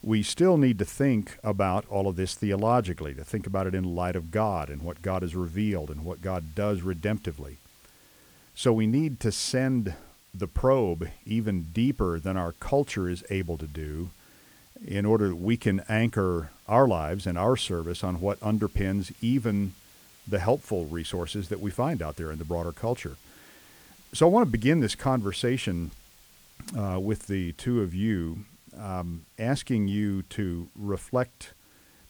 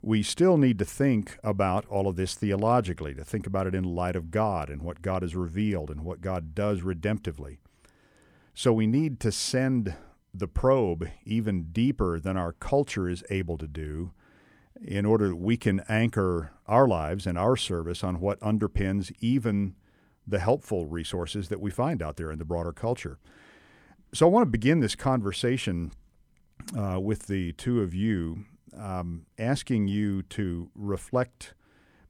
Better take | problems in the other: second | hiss; faint; throughout; 25 dB below the speech

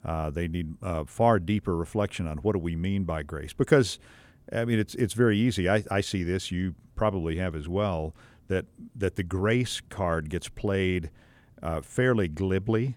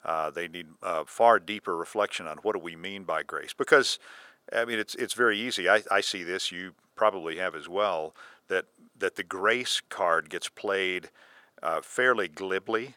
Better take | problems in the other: first | thin; very; fading below 550 Hz

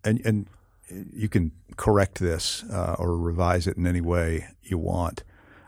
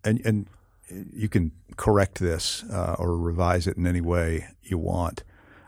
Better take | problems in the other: neither | none

